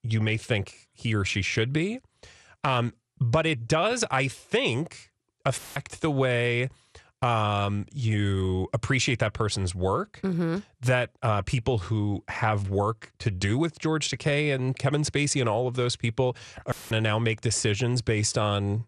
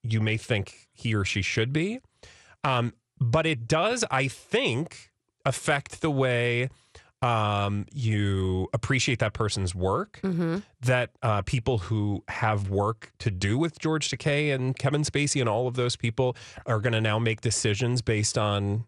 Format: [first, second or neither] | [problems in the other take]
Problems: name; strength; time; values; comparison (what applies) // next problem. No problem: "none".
second | audio cutting out; filled with static; at 5.5 s and at 17 s